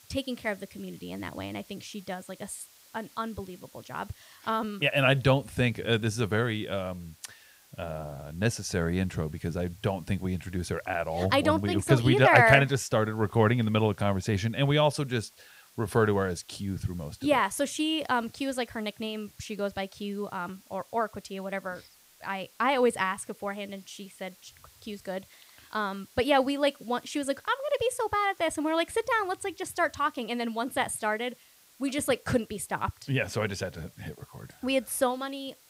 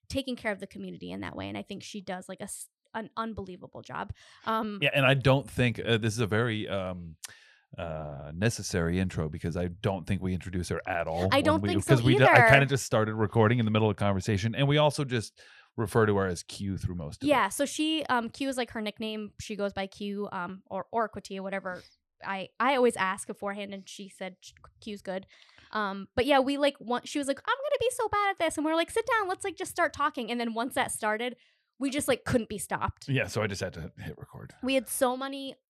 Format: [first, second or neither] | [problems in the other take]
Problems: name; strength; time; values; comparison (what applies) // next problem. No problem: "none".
second | hiss; faint; throughout; 25 dB below the speech